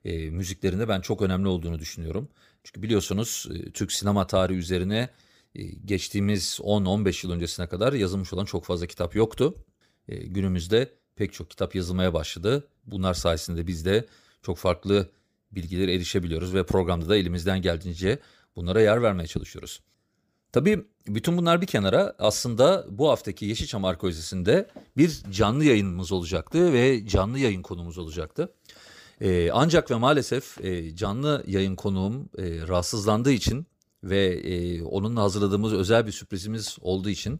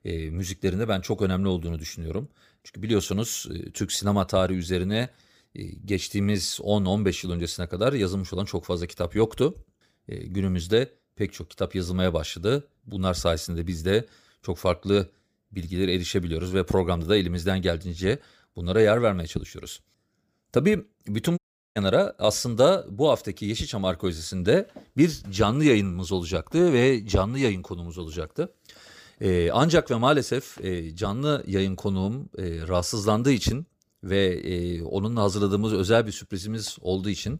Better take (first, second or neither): first